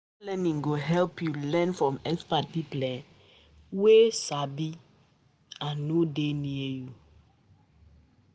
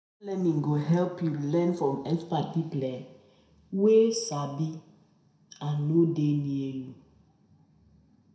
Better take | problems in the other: first | room echo; dies away in 0.5 s

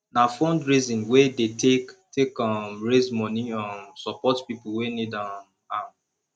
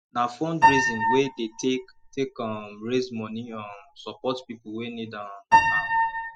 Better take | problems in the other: first | noise reduction (classical method spectral subtraction)

